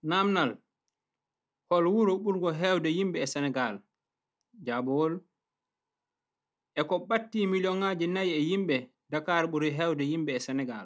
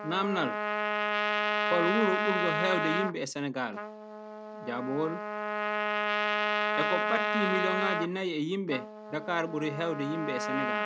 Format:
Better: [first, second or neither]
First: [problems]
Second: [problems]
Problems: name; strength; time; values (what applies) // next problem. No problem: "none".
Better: first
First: none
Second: background sound (Trumpet); 1 dB above the speech